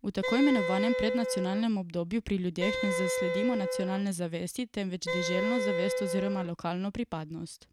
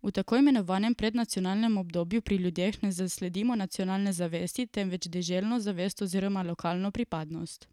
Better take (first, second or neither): second